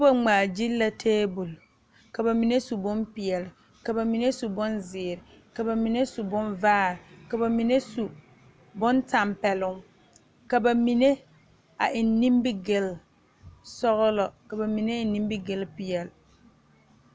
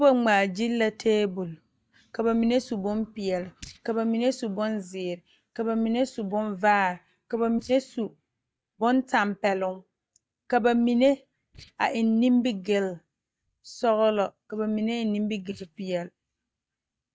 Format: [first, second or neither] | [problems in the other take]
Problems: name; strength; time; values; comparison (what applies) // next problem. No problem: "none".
first | noise reduction (neural mask model DeepFilterNet 3)